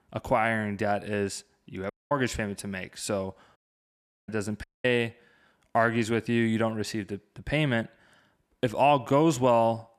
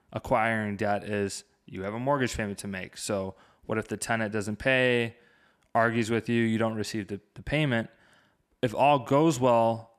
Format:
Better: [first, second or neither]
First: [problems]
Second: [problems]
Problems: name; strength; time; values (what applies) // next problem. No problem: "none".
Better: second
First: audio cutting out; at 2 s, at 3.5 s for 0.5 s and at 4.5 s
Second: none